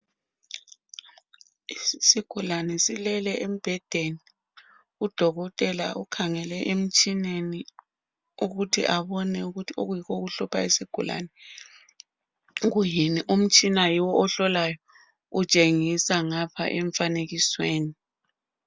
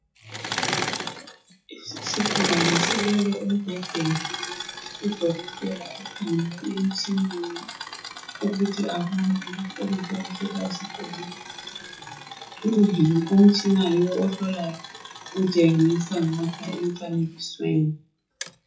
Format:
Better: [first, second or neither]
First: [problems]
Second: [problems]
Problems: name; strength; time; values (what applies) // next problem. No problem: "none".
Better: first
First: none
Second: noise reduction (classical method WPE with log-MMSE)